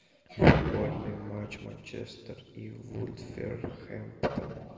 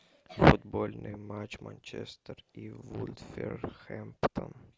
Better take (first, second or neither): second